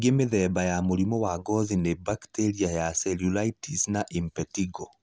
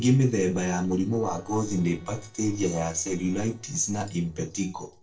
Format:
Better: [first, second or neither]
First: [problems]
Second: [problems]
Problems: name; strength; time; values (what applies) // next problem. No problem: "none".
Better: first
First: none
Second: noise reduction (neural separator model SepFormer DNS4)